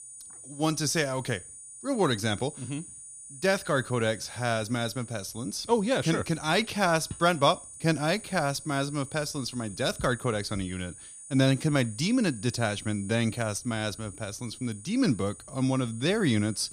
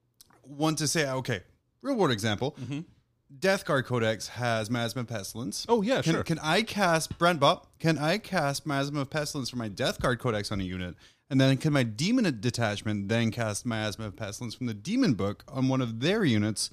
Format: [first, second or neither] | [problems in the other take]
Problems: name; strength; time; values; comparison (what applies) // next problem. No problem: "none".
second | high-pitched whine; noticeable; throughout; 9 kHz, 15 dB below the speech